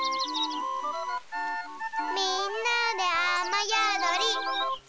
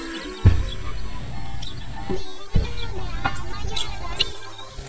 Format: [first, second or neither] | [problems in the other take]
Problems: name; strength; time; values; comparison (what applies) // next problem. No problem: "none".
first | noise reduction (neural mask model DeepFilterNet 3)